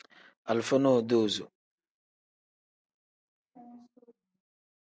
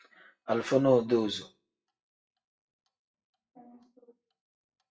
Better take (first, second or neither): first